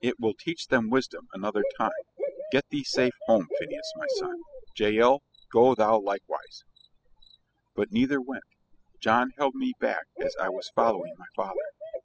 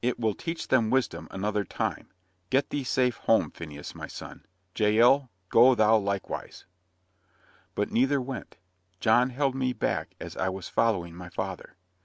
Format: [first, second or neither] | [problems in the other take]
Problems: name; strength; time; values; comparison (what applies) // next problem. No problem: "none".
second | noise reduction (classical method spectral subtraction)